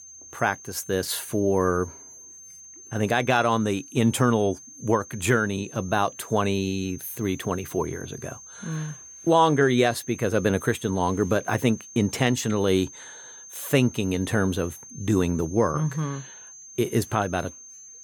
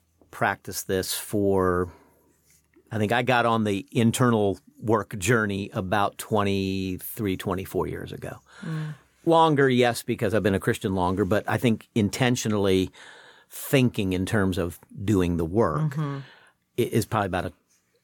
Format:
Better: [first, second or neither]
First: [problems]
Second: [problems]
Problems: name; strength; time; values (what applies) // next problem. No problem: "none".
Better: second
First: high-pitched whine; noticeable; throughout; 6.5 kHz, 15 dB below the speech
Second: none